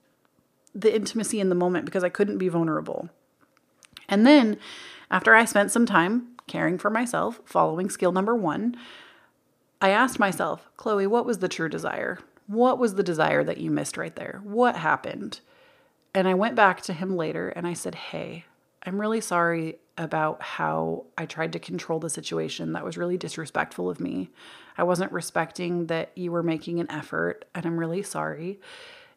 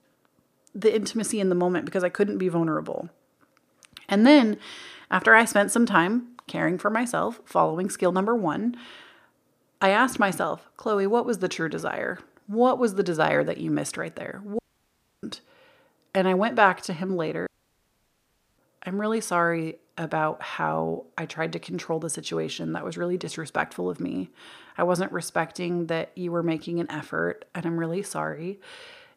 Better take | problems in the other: first | audio cutting out; at 15 s for 0.5 s and at 17 s for 1 s

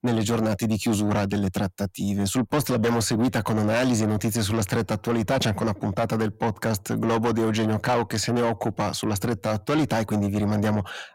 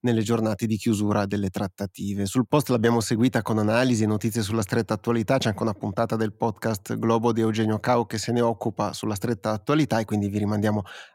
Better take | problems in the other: second | distortion; heavy; 8 dB below the speech

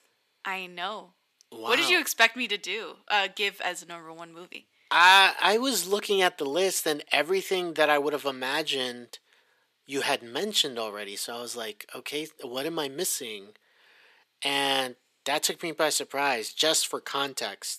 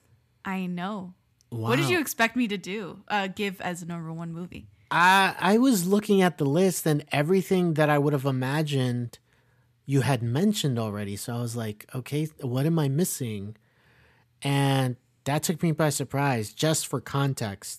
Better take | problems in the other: second | thin; very; fading below 400 Hz

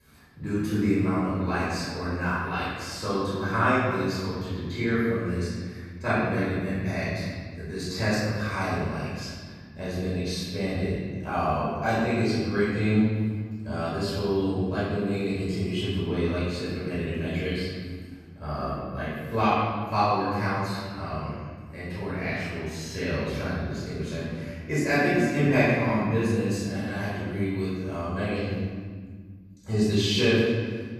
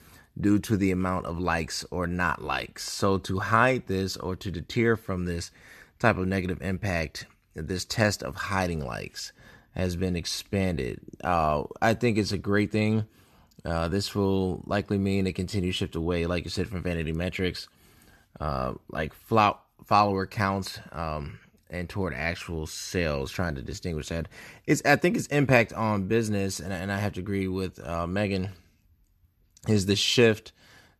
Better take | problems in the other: second | off-mic speech; far // room echo; strong; dies away in 1.8 s

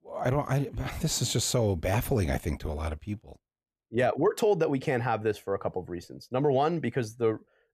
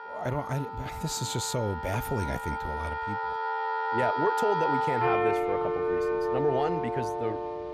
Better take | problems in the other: first | background music; very loud; throughout; 2 dB above the speech

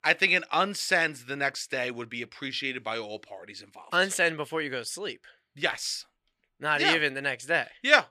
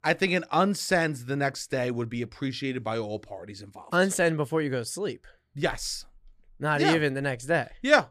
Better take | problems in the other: second | thin; somewhat; fading below 850 Hz

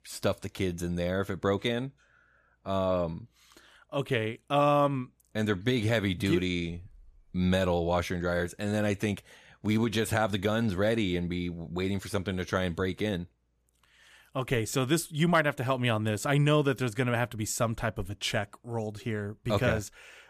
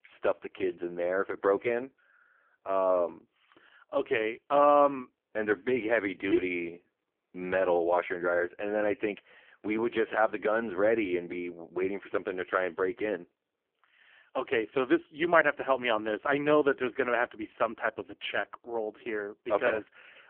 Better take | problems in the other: first | phone-call audio; poor line; nothing above 3 kHz

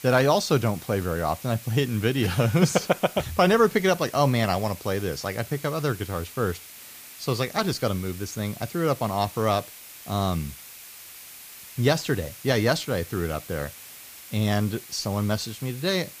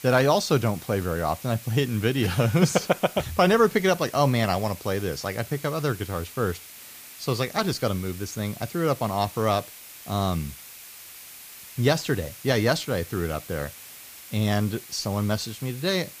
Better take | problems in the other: neither | hiss; noticeable; throughout; 15 dB below the speech; the same in both

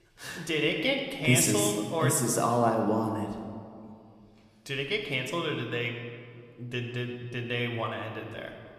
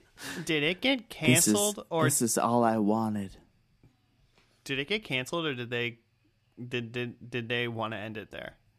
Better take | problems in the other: second | room echo; slight; dies away in 1.4 s

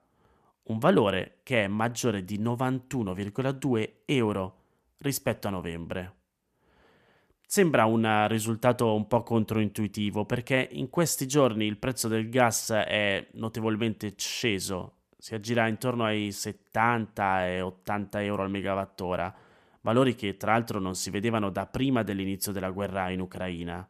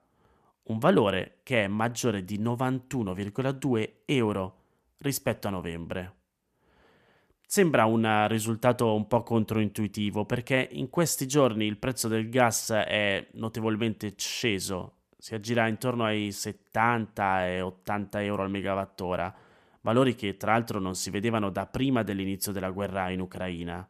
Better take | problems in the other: neither | none

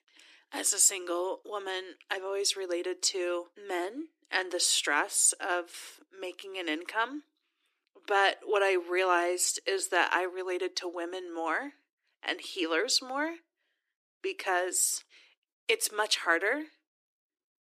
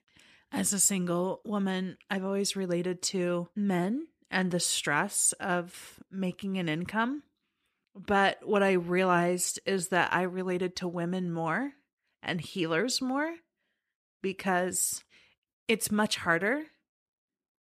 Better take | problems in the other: second | thin; very; fading below 300 Hz

